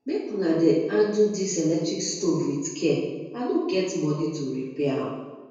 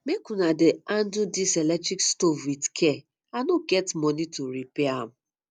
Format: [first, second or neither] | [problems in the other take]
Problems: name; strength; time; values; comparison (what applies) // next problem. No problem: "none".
second | room echo; dies away in 1.2 s